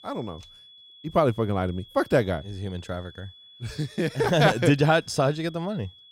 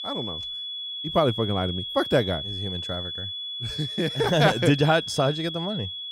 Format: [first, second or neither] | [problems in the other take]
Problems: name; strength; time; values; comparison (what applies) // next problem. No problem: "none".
first | high-pitched whine; loud; throughout; 3.5 kHz, 6 dB below the speech; faint in the first